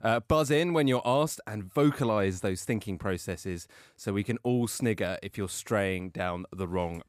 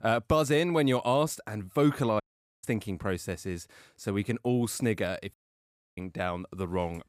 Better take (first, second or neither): first